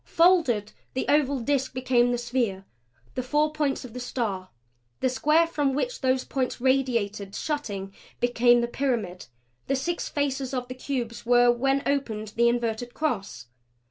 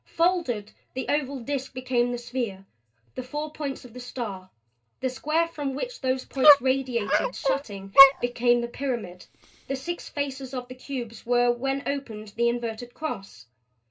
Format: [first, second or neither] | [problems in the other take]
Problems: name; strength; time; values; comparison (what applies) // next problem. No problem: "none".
first | background sound (Dog); 4 dB above the speech // room echo; dies away in 0.2 s